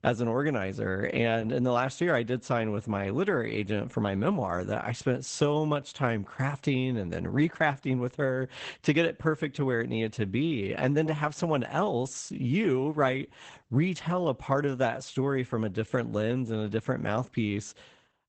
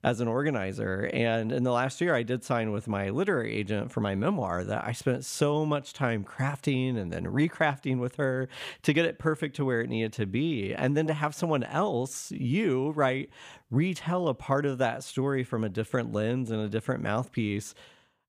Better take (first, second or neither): second